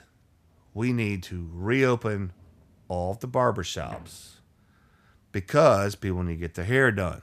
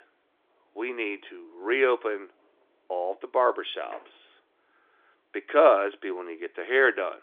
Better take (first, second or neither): first